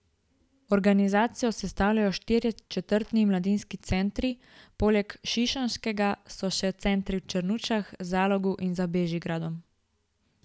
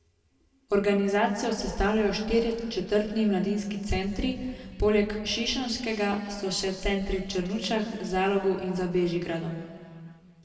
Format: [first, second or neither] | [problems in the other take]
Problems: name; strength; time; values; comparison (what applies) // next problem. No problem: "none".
first | room echo; dies away in 2.1 s